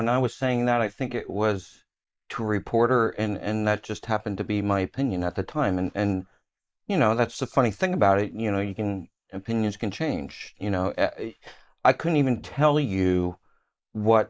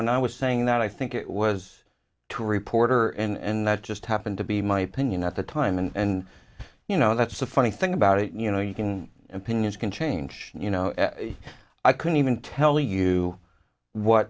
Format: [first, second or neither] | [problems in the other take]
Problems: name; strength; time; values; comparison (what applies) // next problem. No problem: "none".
second | noise reduction (neural mask model Resemble Enhance denoiser)